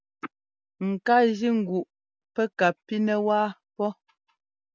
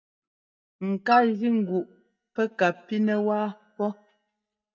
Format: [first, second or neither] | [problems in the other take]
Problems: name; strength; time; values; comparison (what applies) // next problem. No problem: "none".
first | noise reduction (neural mask model DeepFilterNet 3)